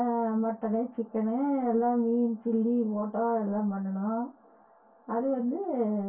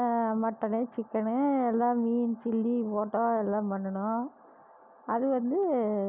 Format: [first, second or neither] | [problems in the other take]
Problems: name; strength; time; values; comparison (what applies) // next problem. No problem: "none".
second | room echo; dies away in 0.2 s